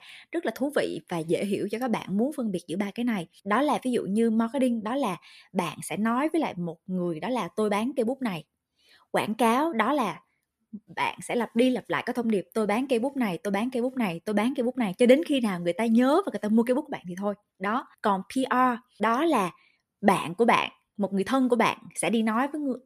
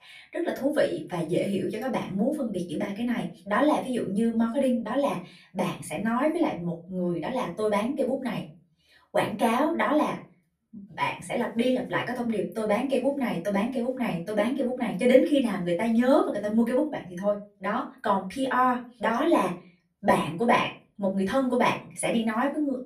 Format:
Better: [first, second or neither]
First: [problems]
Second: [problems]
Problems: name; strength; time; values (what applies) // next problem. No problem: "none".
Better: first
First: none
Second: off-mic speech; far // room echo; very slight; dies away in 0.3 s